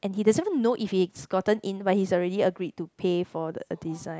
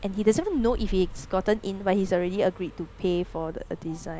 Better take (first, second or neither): first